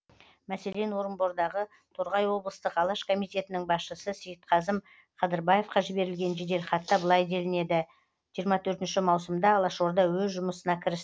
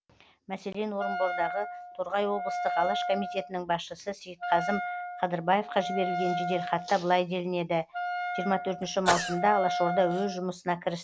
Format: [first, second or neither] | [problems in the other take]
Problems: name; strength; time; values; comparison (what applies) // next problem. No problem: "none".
first | background sound (Wind instrument, woodwind instrument + Sneeze / Cough); 4 dB below the speech